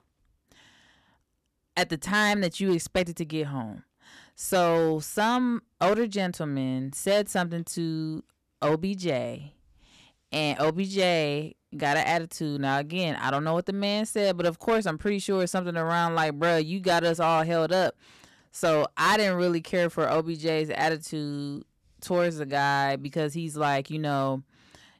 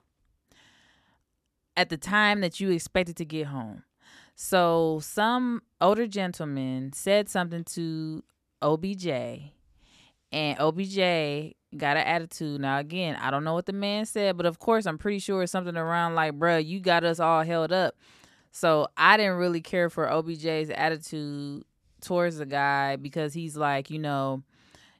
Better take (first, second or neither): second